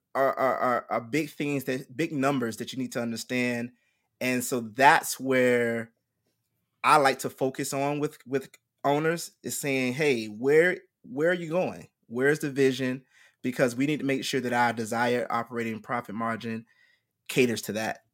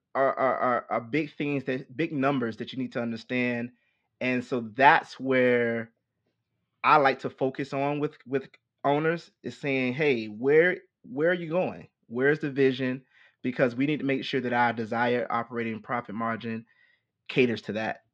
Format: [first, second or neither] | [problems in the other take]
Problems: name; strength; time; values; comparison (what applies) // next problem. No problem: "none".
first | muffled; slightly; fading above 4 kHz